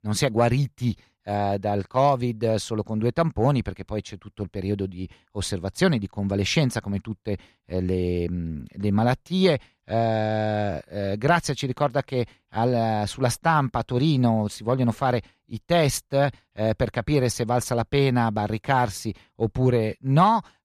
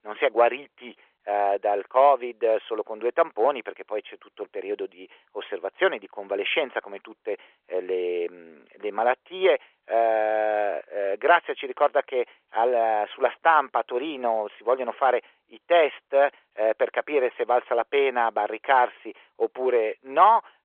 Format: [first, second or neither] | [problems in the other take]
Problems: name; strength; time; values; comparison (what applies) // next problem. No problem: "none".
first | phone-call audio; nothing above 3.5 kHz